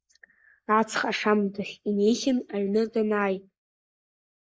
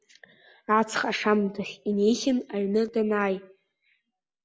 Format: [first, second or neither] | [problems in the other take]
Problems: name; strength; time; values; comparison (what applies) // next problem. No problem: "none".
second | noise reduction (neural mask model Resemble Enhance denoiser)